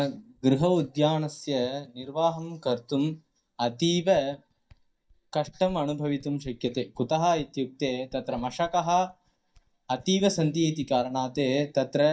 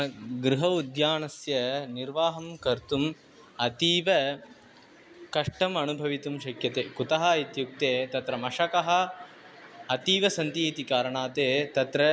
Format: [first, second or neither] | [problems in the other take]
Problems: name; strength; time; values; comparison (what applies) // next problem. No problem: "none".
second | noise reduction (neural mask model DeepFilterNet 3)